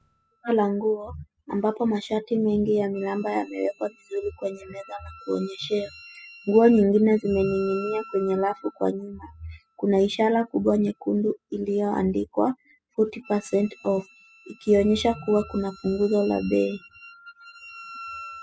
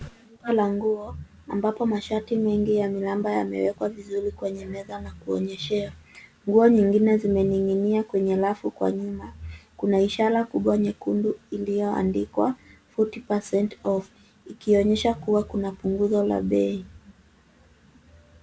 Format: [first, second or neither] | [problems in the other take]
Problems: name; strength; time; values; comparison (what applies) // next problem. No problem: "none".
second | noise reduction (classical method spectral subtraction)